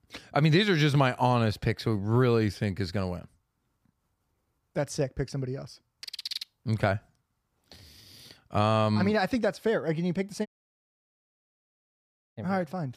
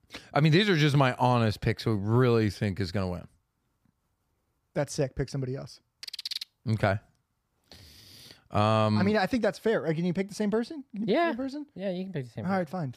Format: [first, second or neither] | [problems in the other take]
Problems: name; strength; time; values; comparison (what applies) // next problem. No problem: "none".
second | audio cutting out; at 10 s for 2 s